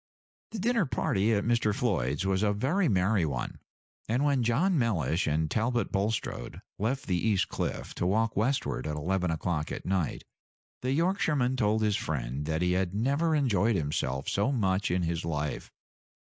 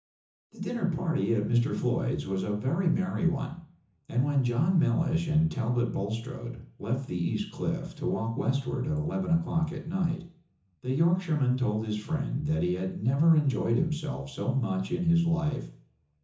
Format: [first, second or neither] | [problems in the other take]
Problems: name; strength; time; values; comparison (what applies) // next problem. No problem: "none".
first | room echo; dies away in 0.6 s